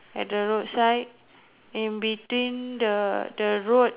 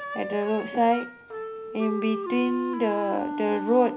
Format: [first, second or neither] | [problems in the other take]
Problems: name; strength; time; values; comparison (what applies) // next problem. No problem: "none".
first | background sound (Wind instrument, woodwind instrument); 7 dB below the speech // room echo; dies away in 0.4 s